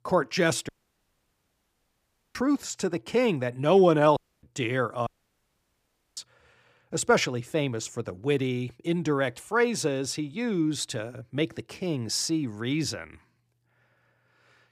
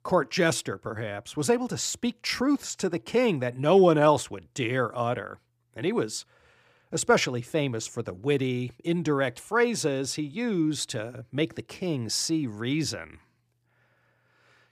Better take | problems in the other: second | audio cutting out; at 0.5 s for 1.5 s, at 4 s and at 5 s for 1 s

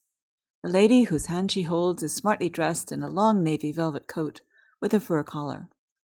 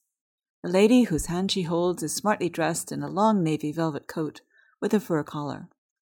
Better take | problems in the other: second | garbled, watery; slightly; nothing above 18 kHz

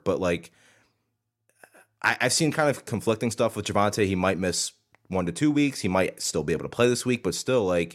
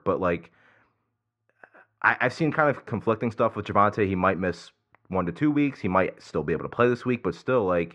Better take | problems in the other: first | muffled; very; fading above 2 kHz

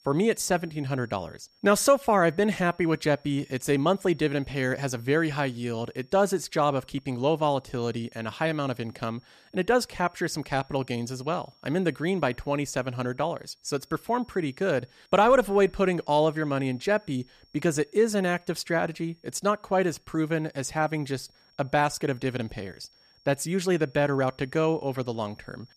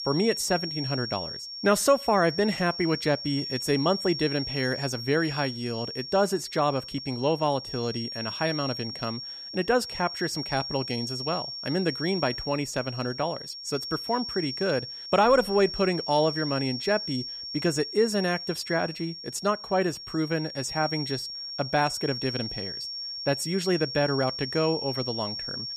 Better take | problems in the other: first | high-pitched whine; loud; throughout; 5.5 kHz, 6 dB below the speech; faint in the first

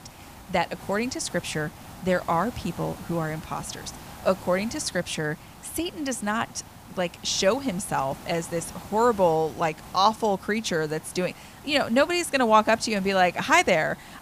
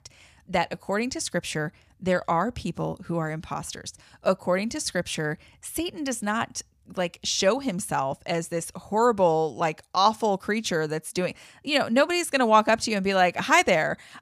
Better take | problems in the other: second | hiss; noticeable; throughout; 20 dB below the speech

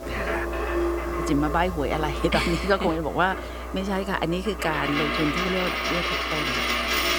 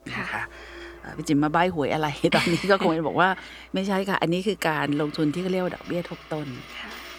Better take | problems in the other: second | household noises; loud; throughout; 1 dB below the speech; faint in the second

